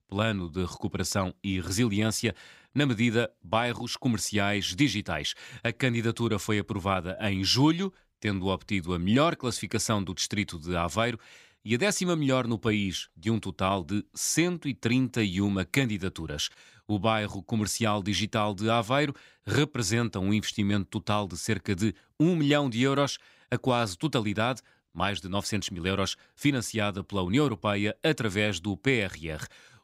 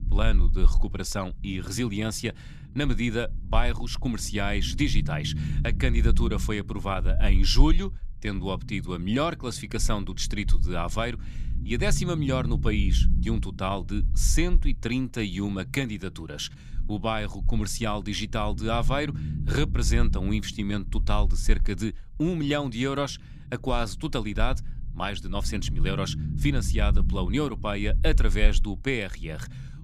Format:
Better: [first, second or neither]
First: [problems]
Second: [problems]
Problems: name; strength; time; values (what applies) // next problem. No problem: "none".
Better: first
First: none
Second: low rumble; noticeable; throughout; 15 dB below the speech